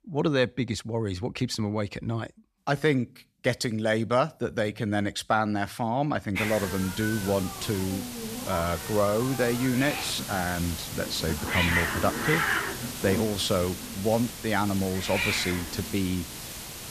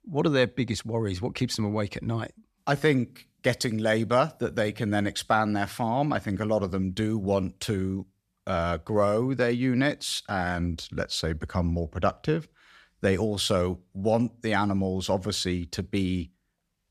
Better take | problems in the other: second | hiss; loud; from 6.5 s on; 3 dB below the speech

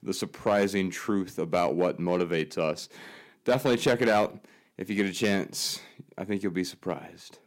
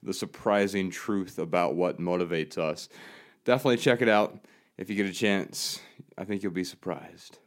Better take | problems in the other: second | distortion; slight; 1.8% of the sound clipped

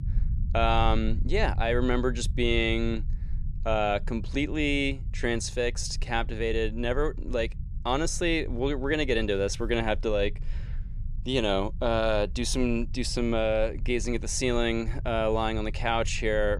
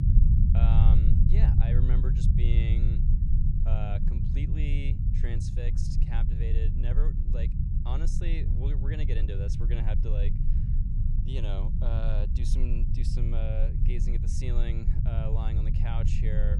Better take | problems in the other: first | low rumble; loud; throughout; as loud as the speech; faint in the first

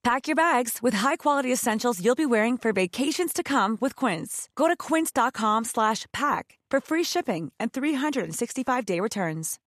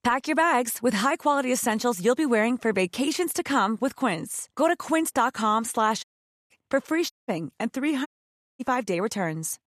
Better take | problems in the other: first | audio cutting out; at 6 s, at 7 s and at 8 s for 0.5 s

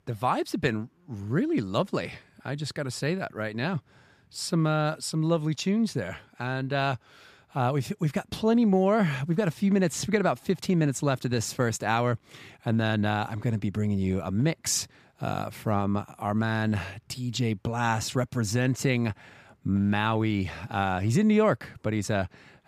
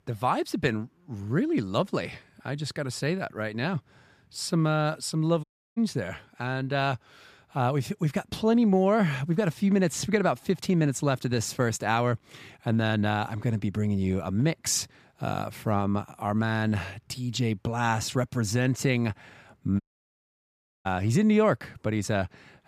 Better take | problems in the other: first | audio cutting out; at 5.5 s and at 20 s for 1 s

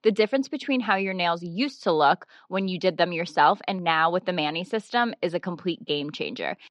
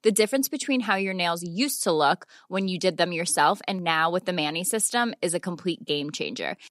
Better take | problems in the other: second | muffled; slightly; fading above 4 kHz

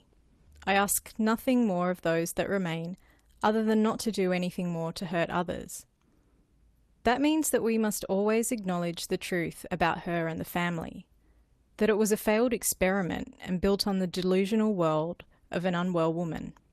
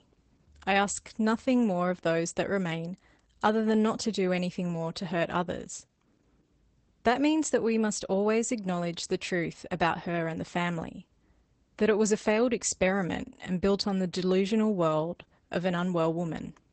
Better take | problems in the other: first | garbled, watery; badly; nothing above 8 kHz; slightly in the first

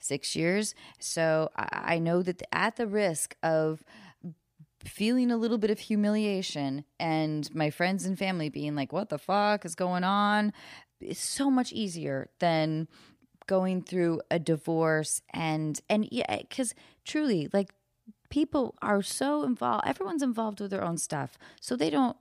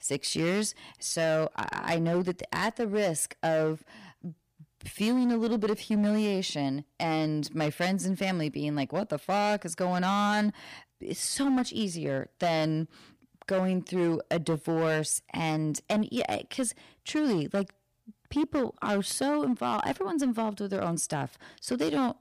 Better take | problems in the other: first | distortion; slight; 8% of the sound clipped

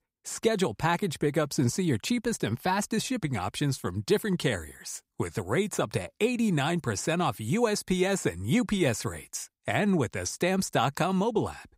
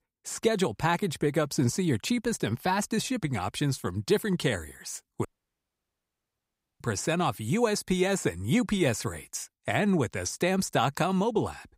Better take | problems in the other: first | audio cutting out; at 5.5 s for 1.5 s

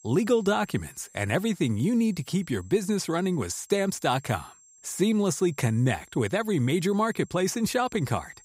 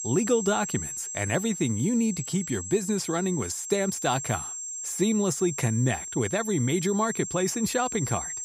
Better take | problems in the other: first | high-pitched whine; loud; throughout; 7.5 kHz, 6 dB below the speech; faint in the first

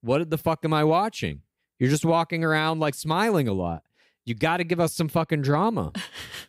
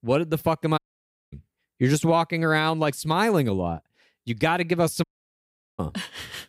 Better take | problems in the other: first | audio cutting out; at 1 s for 0.5 s and at 5 s for 0.5 s

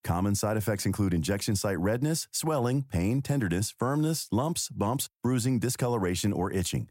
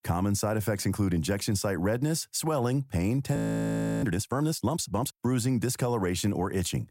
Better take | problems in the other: first | audio freezing; at 3.5 s for 0.5 s

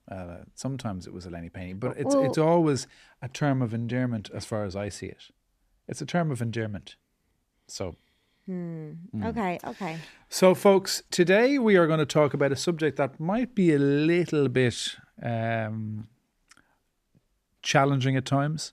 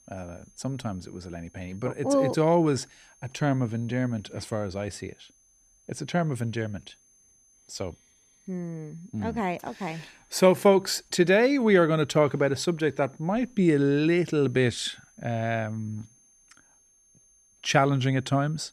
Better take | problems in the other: first | high-pitched whine; faint; throughout; 6.5 kHz, 35 dB below the speech

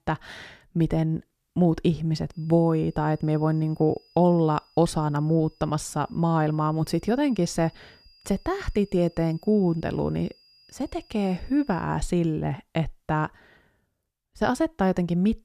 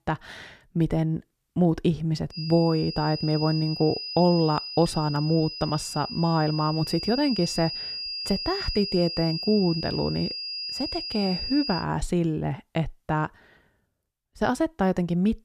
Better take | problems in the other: first | high-pitched whine; loud; from 2.5 to 12 s; 5 kHz, 6 dB below the speech; faint in the first

